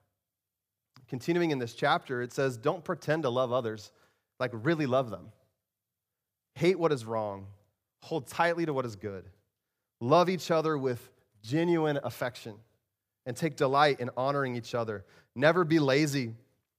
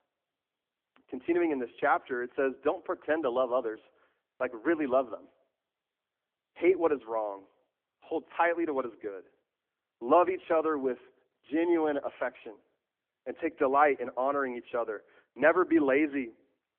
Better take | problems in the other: first | phone-call audio

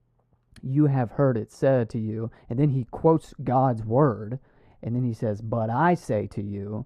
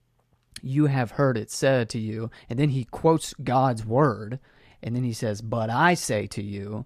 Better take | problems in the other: second | muffled; very; fading above 1.5 kHz

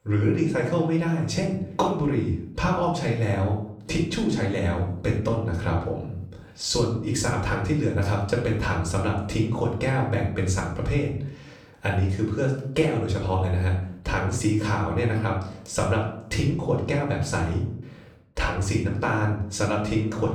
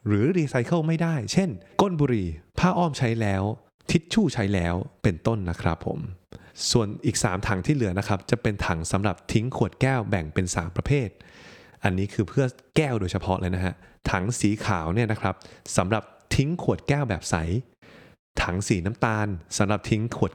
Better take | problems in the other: second | off-mic speech; far // room echo; noticeable; dies away in 0.5 s

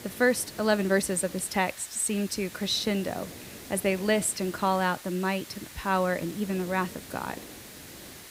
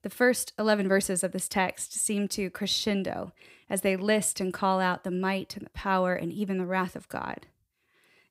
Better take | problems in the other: second | hiss; noticeable; throughout; 15 dB below the speech

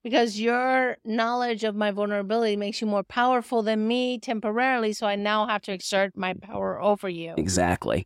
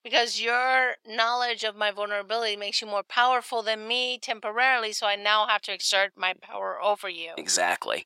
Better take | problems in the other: first | thin; very; fading below 800 Hz

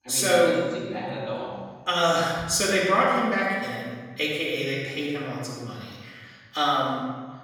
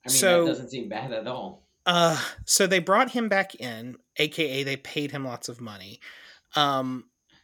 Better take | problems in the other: second | off-mic speech; far // room echo; strong; dies away in 1.3 s

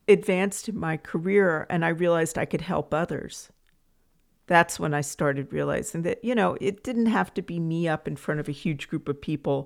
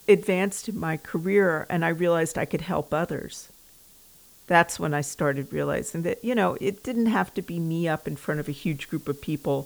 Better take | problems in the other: first | hiss; faint; throughout; 20 dB below the speech

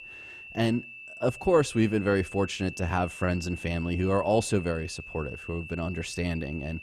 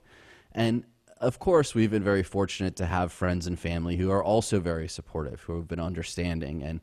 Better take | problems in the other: second | high-pitched whine; noticeable; throughout; 2.5 kHz, 15 dB below the speech

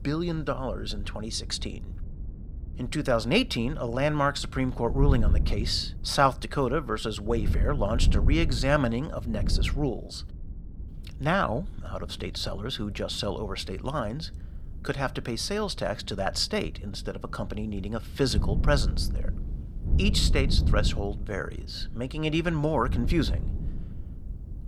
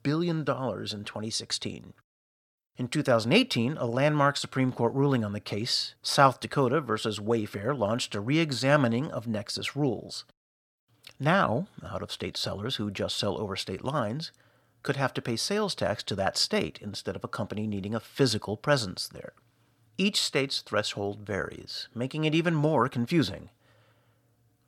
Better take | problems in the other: second | wind noise on the microphone; occasional gusts; 20 dB below the speech

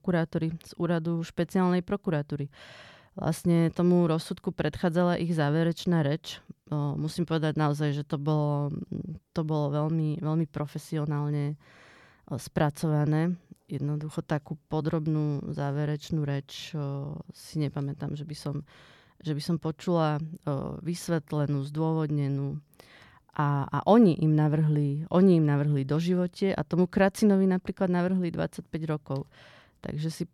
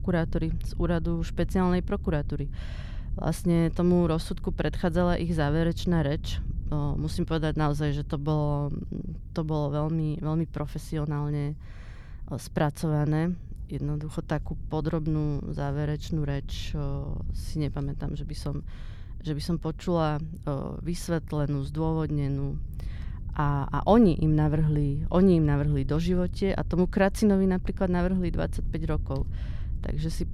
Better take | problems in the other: first | low rumble; faint; throughout; 20 dB below the speech

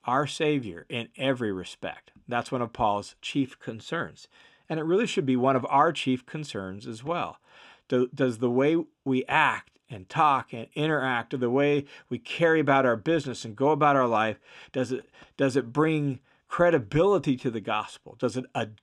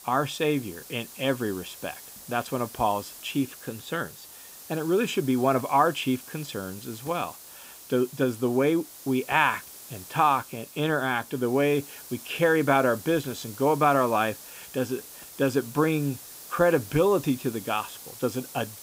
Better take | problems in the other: first | hiss; noticeable; throughout; 15 dB below the speech

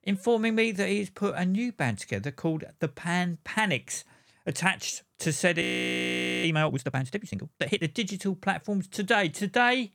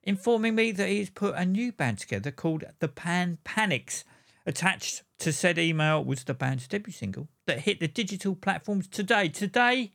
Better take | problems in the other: second | audio freezing; at 5.5 s for 1 s

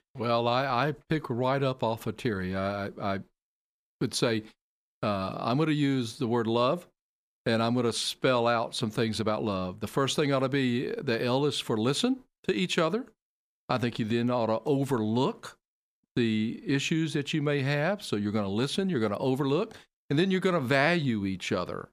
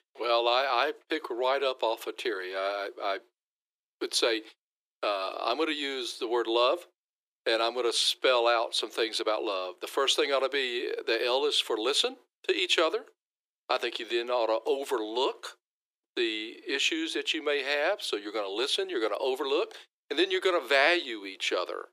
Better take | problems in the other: first | thin; very; fading below 350 Hz

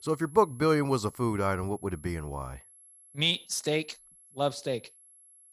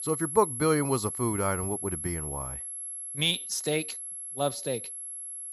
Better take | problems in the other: first | high-pitched whine; loud; throughout; 11 kHz, 5 dB below the speech; faint in the first

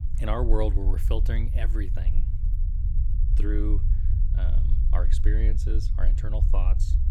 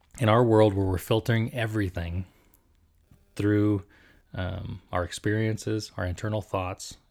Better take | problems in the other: second | low rumble; loud; throughout; 9 dB below the speech

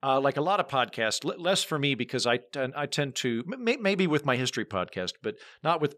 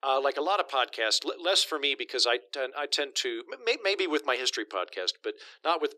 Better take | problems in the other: first | thin; very; fading below 300 Hz

